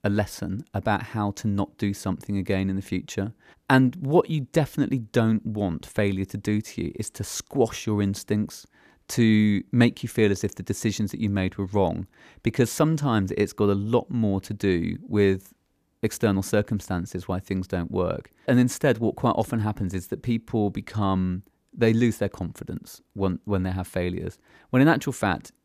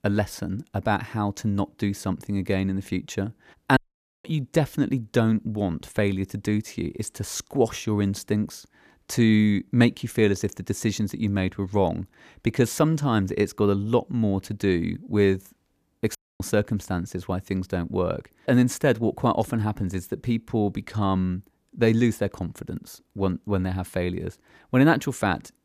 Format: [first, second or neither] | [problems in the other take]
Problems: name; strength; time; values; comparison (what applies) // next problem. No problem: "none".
first | audio cutting out; at 4 s and at 16 s